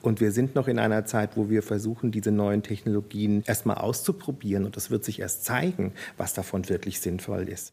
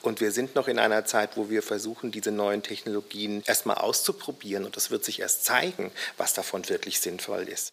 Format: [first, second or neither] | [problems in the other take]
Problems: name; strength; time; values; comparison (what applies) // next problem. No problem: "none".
first | thin; somewhat; fading below 450 Hz